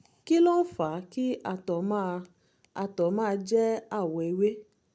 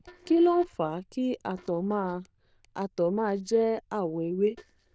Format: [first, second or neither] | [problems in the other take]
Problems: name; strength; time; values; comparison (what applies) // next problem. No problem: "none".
first | noise reduction (neural diffusion model UNIVERSE++)